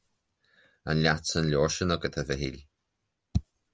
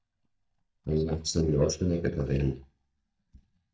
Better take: first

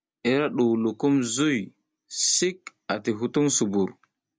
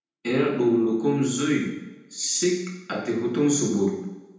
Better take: first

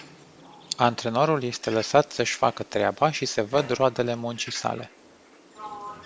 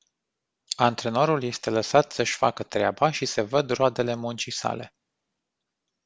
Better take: second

